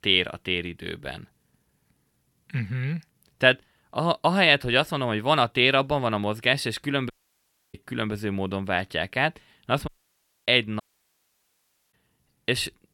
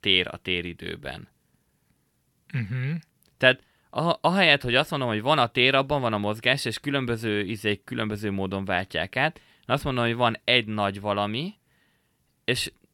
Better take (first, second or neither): second